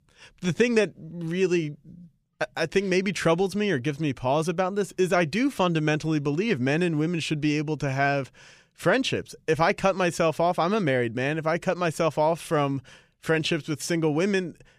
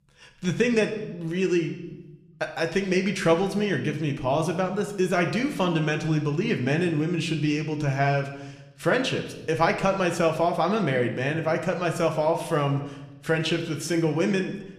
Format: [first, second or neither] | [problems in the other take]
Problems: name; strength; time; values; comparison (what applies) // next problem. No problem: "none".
first | room echo; slight; dies away in 0.8 s